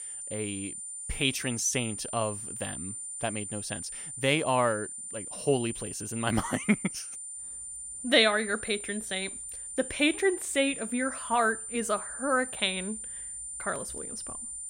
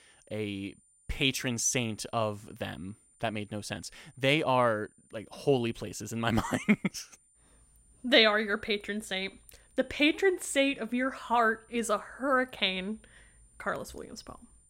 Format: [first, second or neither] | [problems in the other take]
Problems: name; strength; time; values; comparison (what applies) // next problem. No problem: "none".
second | high-pitched whine; loud; throughout; 9 kHz, 7 dB below the speech; faint in the second